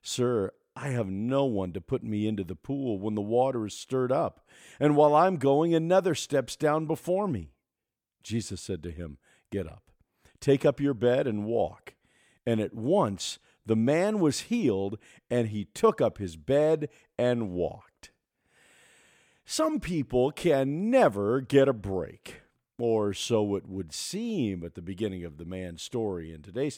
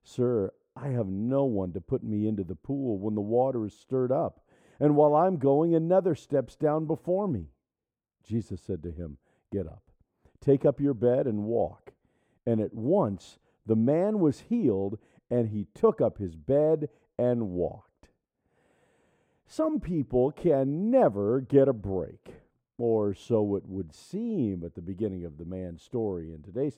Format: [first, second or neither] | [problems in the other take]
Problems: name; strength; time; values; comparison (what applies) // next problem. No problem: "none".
first | muffled; very; fading above 1.5 kHz